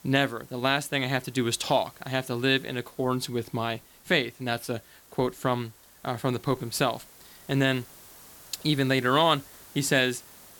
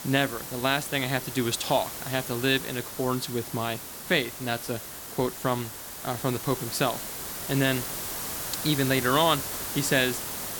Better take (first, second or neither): first